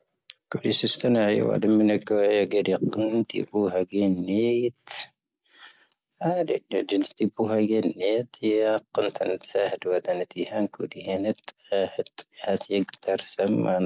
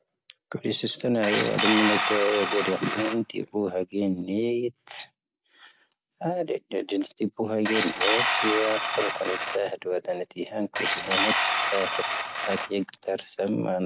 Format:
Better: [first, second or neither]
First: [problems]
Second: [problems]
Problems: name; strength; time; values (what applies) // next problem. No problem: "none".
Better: first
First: none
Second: background sound (Tools); 1 dB below the speech